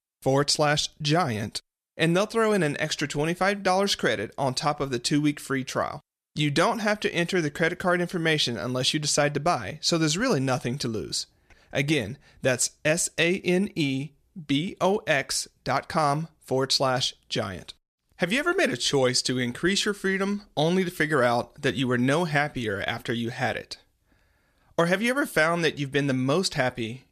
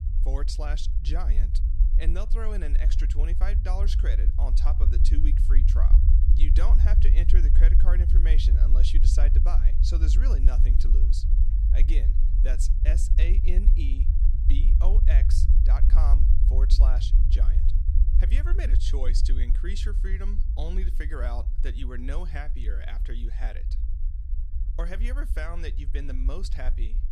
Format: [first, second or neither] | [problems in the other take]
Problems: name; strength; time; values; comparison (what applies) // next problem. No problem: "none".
first | low rumble; loud; throughout; 5 dB below the speech